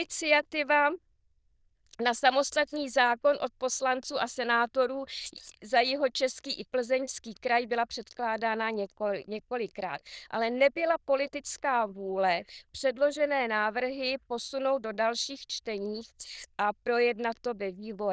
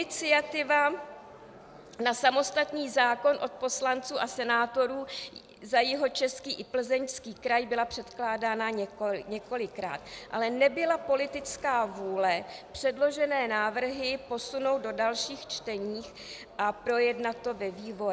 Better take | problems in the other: second | noise reduction (neural diffusion model UNIVERSE++)

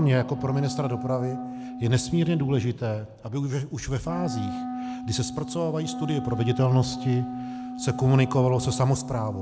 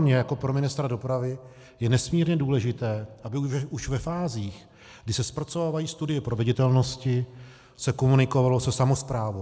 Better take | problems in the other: second | background sound (Wind instrument, woodwind instrument); 9 dB below the speech

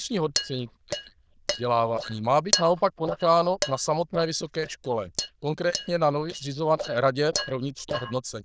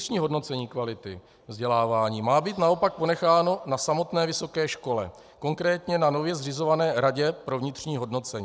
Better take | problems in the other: second | noise reduction (neural diffusion model UNIVERSE++)

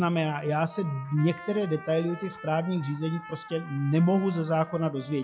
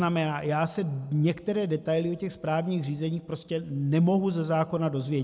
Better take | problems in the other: second | noise reduction (classical method log-MMSE)

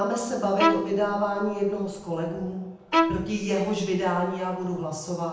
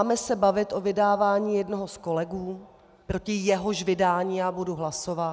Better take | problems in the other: second | background sound (Bowed string instrument); 3 dB below the speech // room echo; dies away in 0.9 s

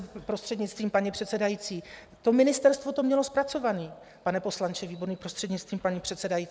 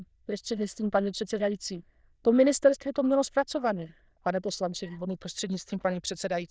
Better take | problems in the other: first | noise reduction (neural diffusion model UNIVERSE++)

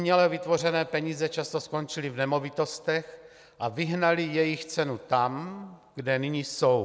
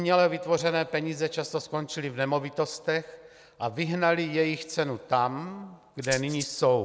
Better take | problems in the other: first | background sound (Rattle (instrument)); 11 dB below the speech

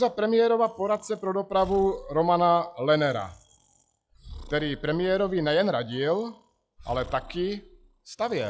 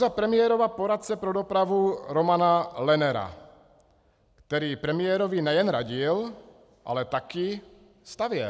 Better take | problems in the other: second | noise reduction (classical method log-MMSE)

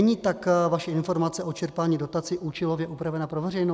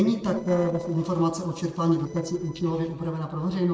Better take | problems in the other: first | noise reduction (neural separator model SepFormer DNS4)

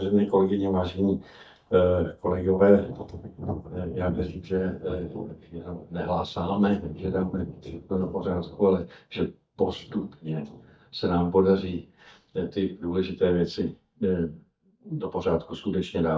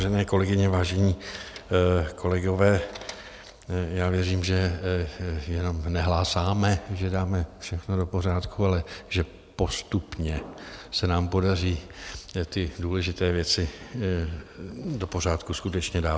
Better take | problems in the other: second | noise reduction (neural mask model DeepFilterNet 3)

